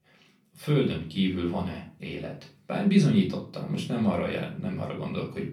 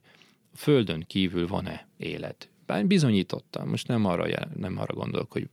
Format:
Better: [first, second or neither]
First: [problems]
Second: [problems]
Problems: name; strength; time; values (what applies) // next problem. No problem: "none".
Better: second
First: off-mic speech; far // room echo; slight; dies away in 0.3 s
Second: none